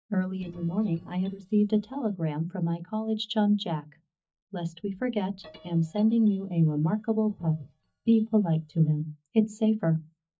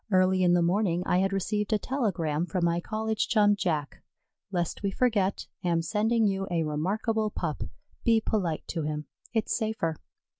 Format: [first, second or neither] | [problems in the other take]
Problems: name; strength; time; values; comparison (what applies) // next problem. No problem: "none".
second | noise reduction (neural mask model DeepFilterNet 3)